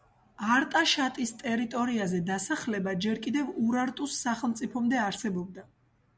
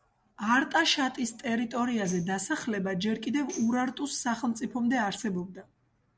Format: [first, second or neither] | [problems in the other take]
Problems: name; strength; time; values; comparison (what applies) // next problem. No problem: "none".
first | noise reduction (neural separator model SepFormer DNS4)